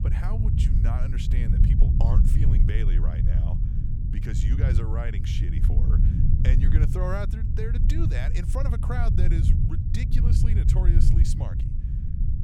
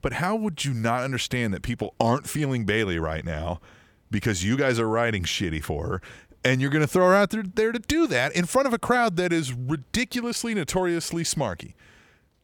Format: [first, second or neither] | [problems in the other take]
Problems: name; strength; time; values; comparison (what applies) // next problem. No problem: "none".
second | low rumble; loud; throughout; 1 dB below the speech